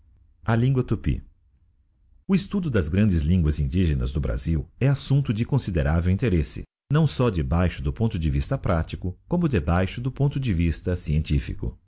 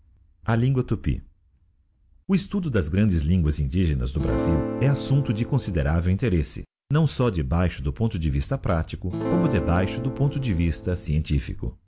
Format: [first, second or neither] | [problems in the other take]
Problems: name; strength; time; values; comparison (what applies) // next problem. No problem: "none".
first | background sound (Acoustic guitar / Strum); 6 dB below the speech